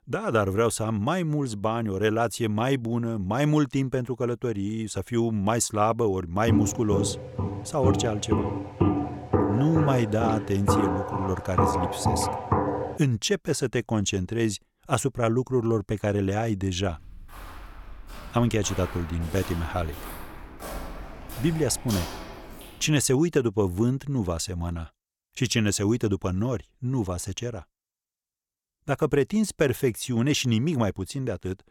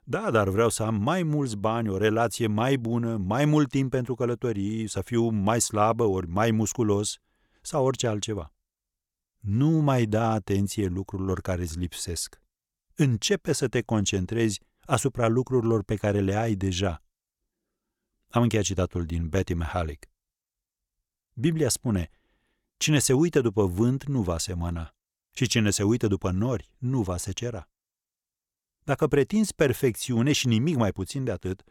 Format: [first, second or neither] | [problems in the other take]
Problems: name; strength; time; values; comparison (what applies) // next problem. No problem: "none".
second | footsteps; loud; from 6.5 to 13 s; peak 2 dB above the speech // footsteps; noticeable; from 17 to 23 s; peak 7 dB below the speech